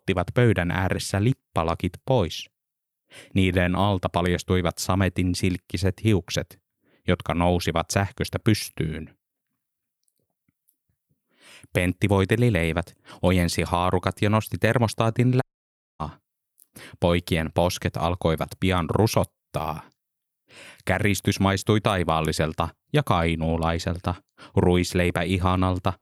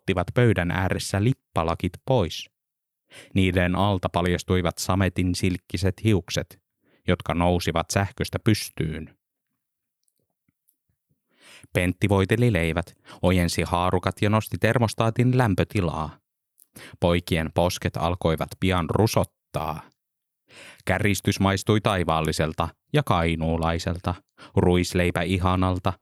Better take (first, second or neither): second